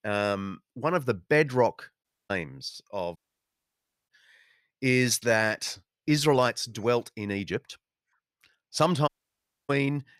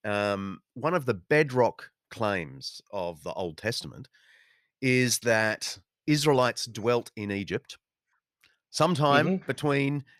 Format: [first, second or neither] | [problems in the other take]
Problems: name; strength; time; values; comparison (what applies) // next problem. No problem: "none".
second | audio cutting out; at 2 s, at 3 s for 1 s and at 9 s for 0.5 s